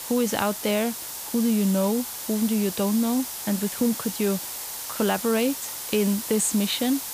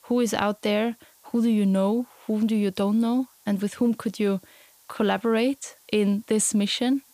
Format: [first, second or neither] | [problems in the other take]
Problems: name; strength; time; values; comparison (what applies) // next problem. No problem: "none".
second | hiss; loud; throughout; 6 dB below the speech; faint in the second